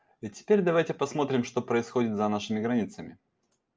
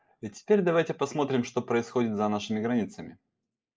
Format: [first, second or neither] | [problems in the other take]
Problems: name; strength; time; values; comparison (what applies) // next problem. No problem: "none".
first | noise reduction (neural mask model Resemble Enhance denoiser)